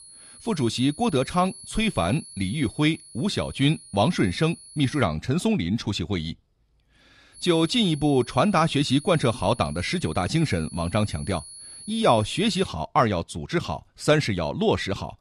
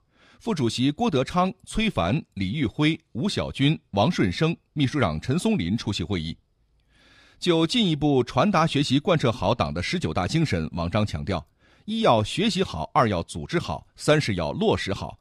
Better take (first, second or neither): second